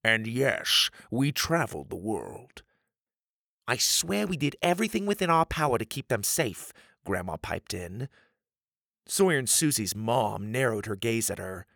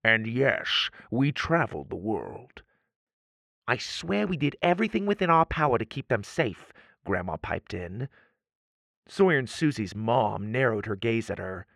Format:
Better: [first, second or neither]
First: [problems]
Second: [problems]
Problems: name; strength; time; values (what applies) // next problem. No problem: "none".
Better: first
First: none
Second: muffled; slightly; fading above 2 kHz